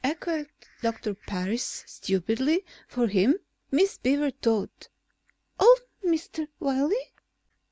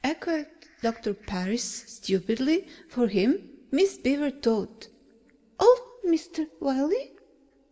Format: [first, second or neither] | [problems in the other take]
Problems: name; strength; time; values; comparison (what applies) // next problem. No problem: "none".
first | room echo; dies away in 1.2 s